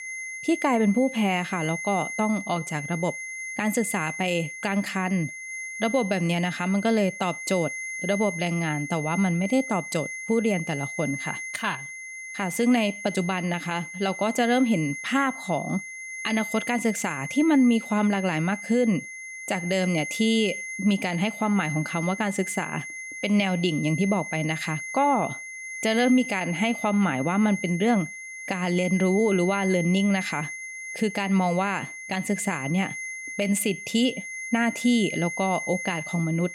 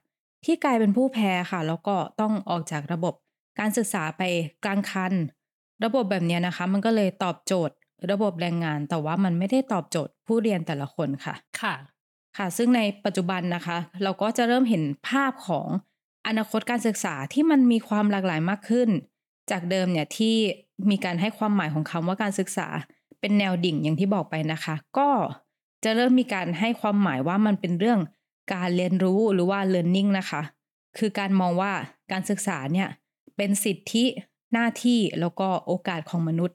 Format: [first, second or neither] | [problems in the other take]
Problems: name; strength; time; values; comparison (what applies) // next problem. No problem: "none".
second | high-pitched whine; loud; throughout; 2 kHz, 8 dB below the speech